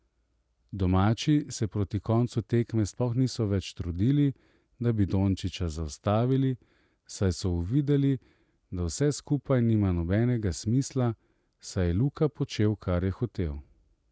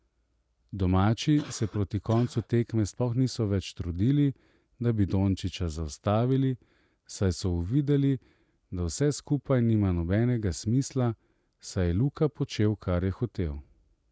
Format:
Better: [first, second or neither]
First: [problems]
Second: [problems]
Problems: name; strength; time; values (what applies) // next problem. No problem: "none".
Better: first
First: none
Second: background sound (Cough); 19 dB below the speech